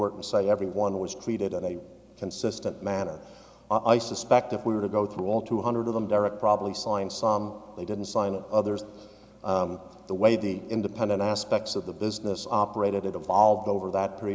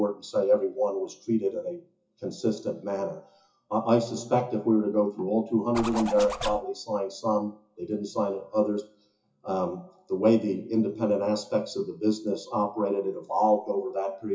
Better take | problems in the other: first | noise reduction (classical method WPE with log-MMSE)

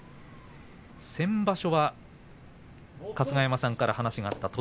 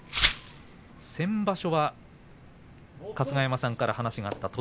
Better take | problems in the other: first | background sound (Glass); 1 dB below the speech

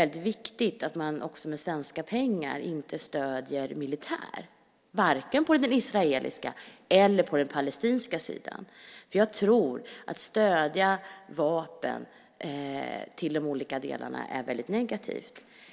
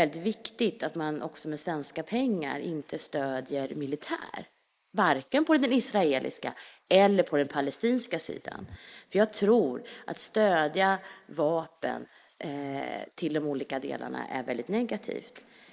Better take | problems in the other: first | noise reduction (neural mask model Resemble Enhance denoiser)

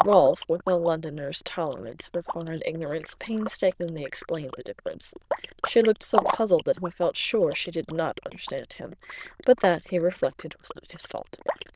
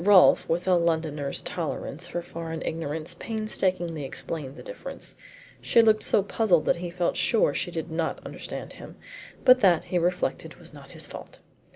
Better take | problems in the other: second | noise reduction (neural diffusion model UNIVERSE++)

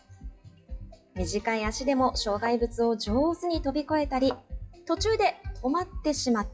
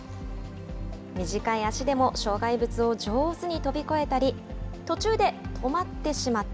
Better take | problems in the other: second | noise reduction (classical method WPE with log-MMSE)

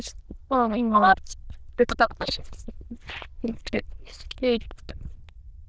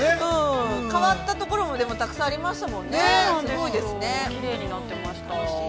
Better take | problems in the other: second | noise reduction (neural diffusion model UNIVERSE++)

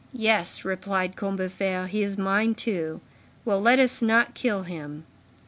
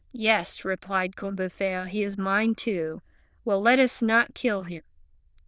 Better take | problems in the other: first | noise reduction (neural diffusion model UNIVERSE++)

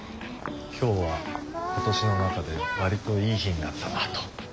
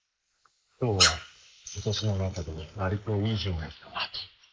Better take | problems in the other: first | noise reduction (neural mask model Resemble Enhance denoiser)

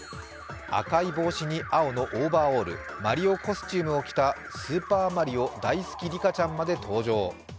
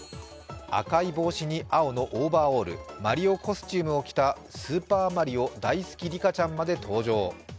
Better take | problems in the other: second | background sound (Alarm); 14 dB below the speech

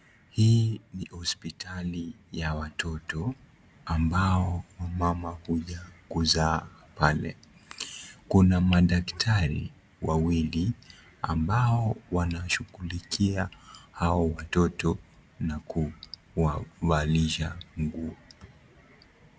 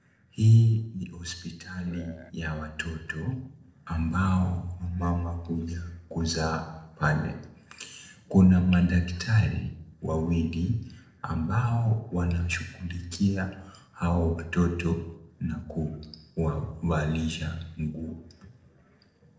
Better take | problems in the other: first | noise reduction (neural separator model SepFormer DNS4)

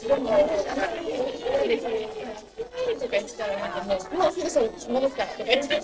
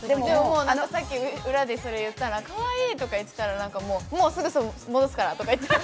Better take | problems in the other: second | noise reduction (neural separator model SepFormer DNS4)

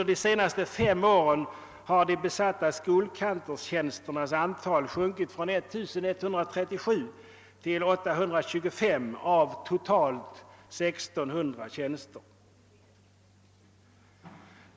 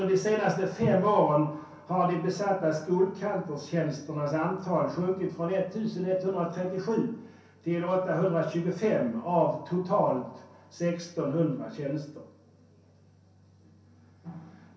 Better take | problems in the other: first | room echo; dies away in 0.6 s

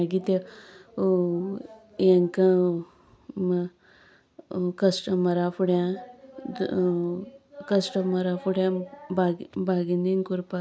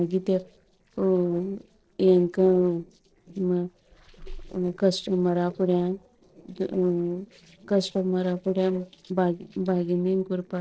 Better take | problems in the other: first | noise reduction (neural separator model SepFormer DNS4)

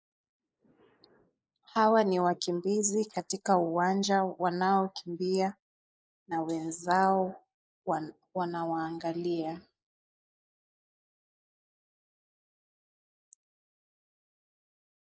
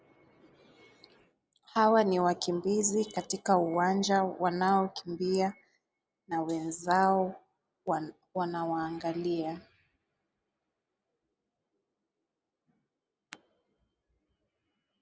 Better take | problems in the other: second | noise reduction (neural mask model Resemble Enhance denoiser)

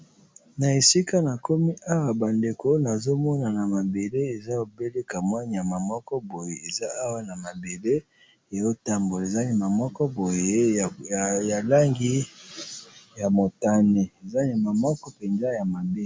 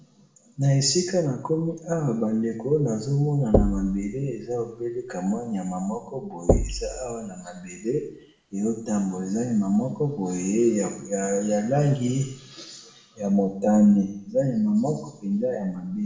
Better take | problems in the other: first | background sound (Knock / Wood); 4 dB below the speech // room echo; dies away in 0.7 s

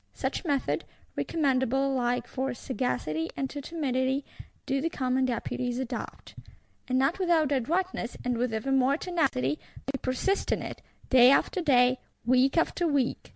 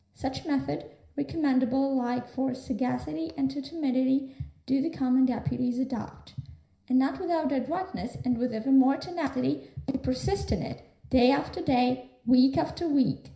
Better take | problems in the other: first | room echo; dies away in 0.5 s

